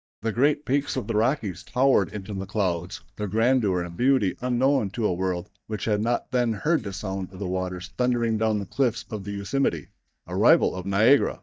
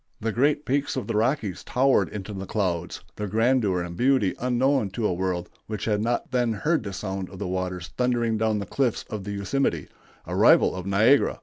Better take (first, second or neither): second